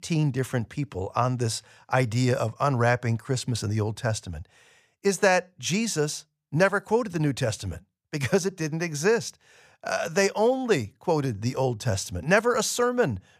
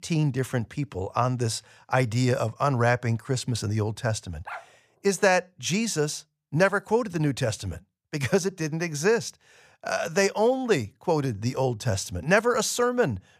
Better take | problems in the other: first | dog barking; faint; at 4.5 s; peak 15 dB below the speech

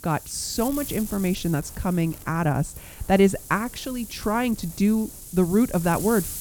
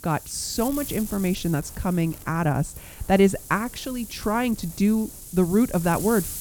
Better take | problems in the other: neither | wind noise on the microphone; occasional gusts; 15 dB below the speech; the same in both

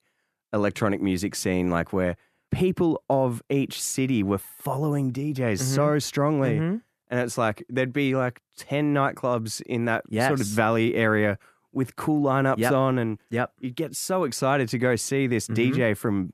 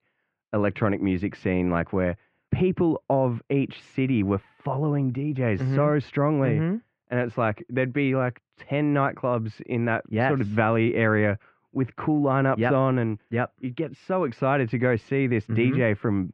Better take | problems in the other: first | muffled; very; fading above 2.5 kHz

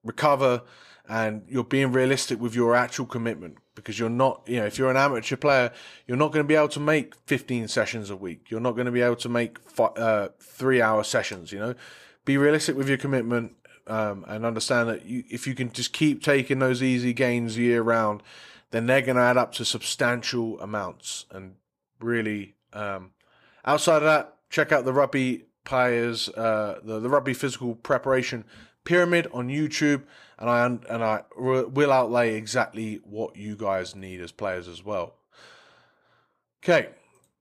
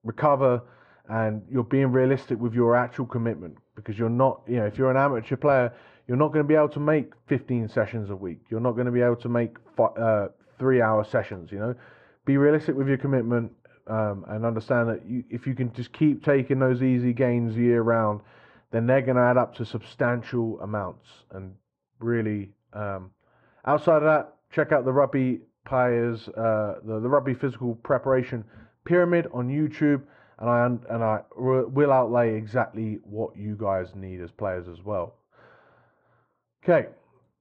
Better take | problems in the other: first | muffled; very; fading above 1 kHz

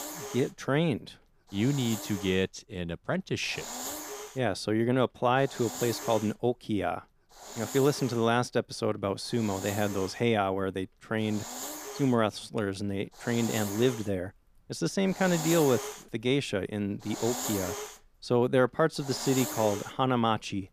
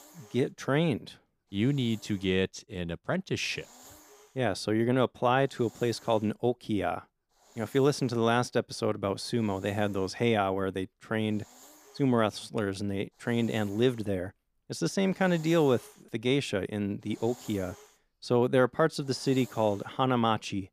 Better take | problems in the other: second | hiss; loud; throughout; 9 dB below the speech; faint in the second

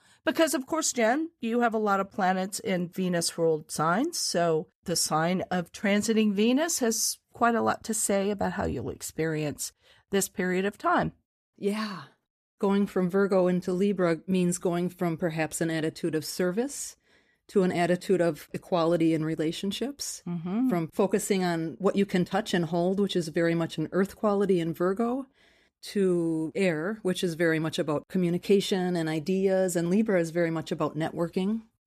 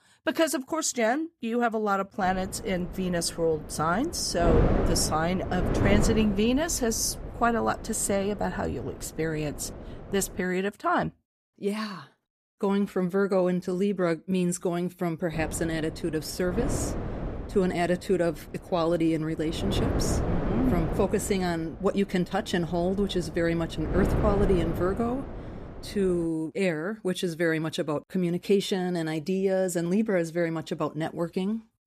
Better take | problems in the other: first | wind noise on the microphone; heavy; from 2 to 10 s and from 15 to 26 s; 7 dB below the speech

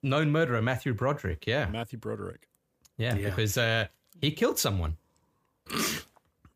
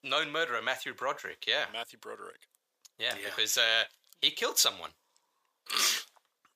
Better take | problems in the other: first | thin; very; fading below 700 Hz

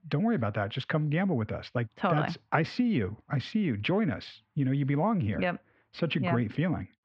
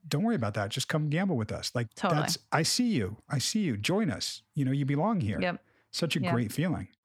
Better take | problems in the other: second | muffled; very; fading above 3 kHz

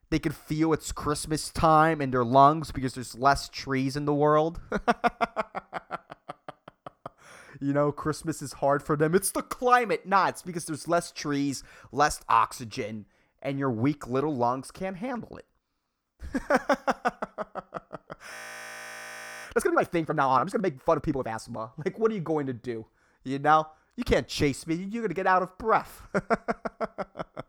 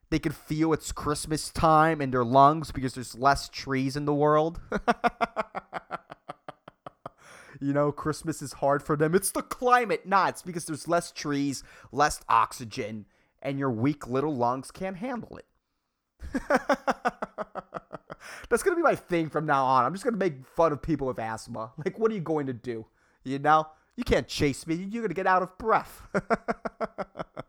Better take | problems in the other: second | audio freezing; at 18 s for 1 s

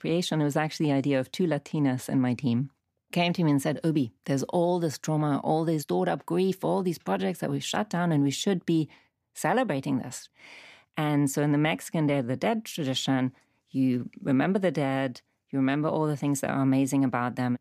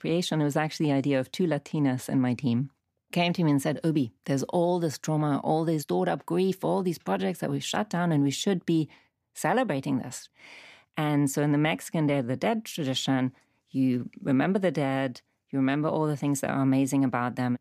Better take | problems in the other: neither | none

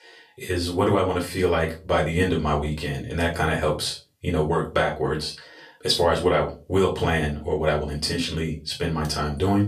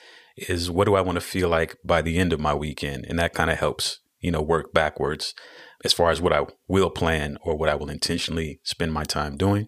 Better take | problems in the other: second | off-mic speech; far // room echo; very slight; dies away in 0.3 s

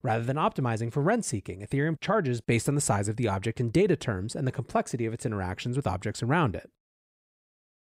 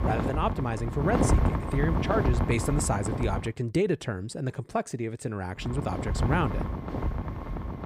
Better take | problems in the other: first | wind noise on the microphone; heavy; until 3.5 s and from 5.5 s on; 3 dB below the speech

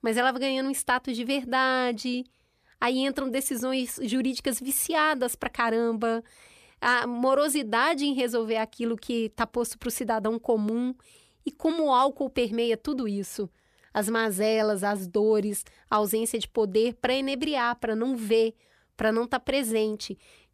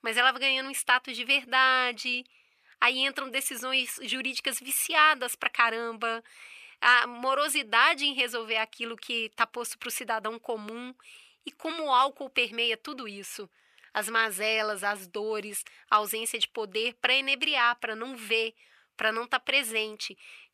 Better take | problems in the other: first | thin; somewhat; fading below 1 kHz

